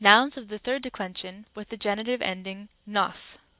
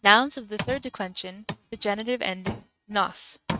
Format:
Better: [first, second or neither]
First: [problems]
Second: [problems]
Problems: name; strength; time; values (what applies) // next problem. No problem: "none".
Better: first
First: none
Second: noise reduction (neural mask model RNNoise)